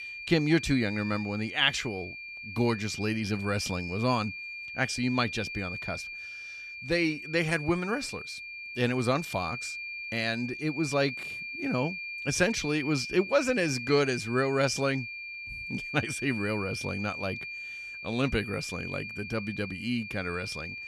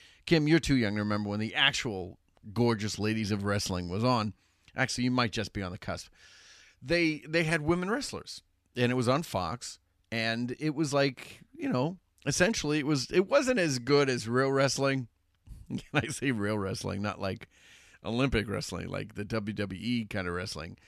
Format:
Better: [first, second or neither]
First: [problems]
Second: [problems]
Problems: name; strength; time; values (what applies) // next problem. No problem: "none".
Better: second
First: high-pitched whine; loud; throughout; 2.5 kHz, 7 dB below the speech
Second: none